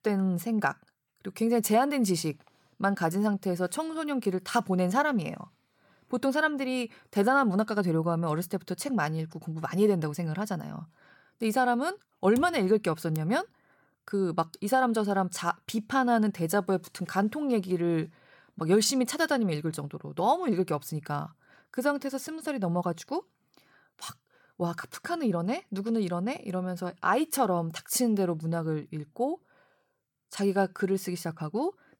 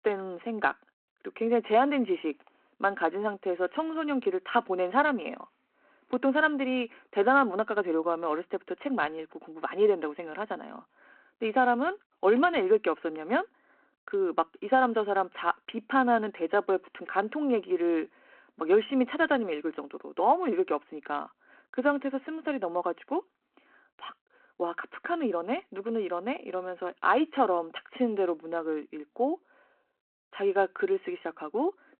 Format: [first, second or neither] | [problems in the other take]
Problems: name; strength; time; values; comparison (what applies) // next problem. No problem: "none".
first | phone-call audio